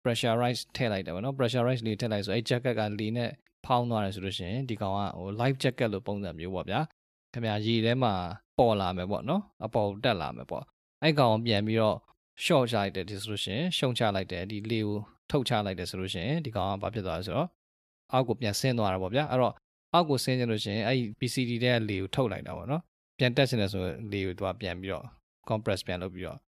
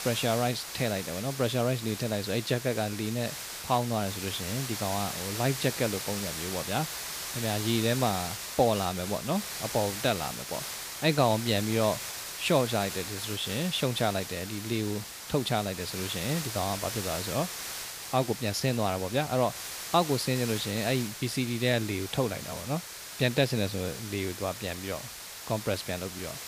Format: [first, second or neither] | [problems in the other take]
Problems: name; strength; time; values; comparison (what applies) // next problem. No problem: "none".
first | hiss; loud; throughout; 6 dB below the speech